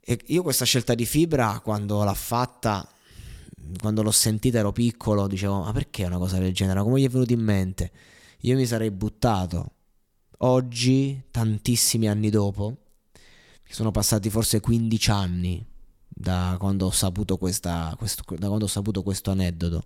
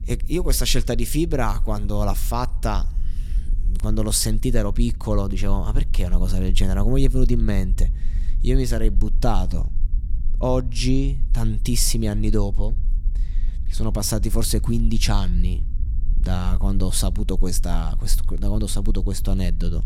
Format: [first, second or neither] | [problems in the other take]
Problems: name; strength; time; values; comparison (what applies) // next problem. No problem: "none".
first | low rumble; faint; throughout; 20 dB below the speech